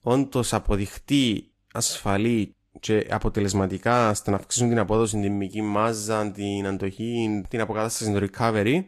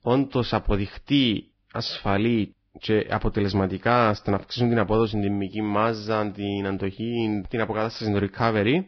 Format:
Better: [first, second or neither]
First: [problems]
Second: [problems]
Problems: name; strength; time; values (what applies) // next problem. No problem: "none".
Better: first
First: garbled, watery; slightly; nothing above 12.5 kHz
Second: garbled, watery; badly; nothing above 5.5 kHz